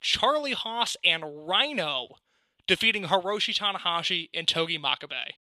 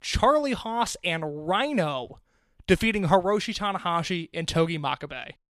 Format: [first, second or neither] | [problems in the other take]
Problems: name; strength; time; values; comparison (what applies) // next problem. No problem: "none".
second | thin; very slightly; fading below 400 Hz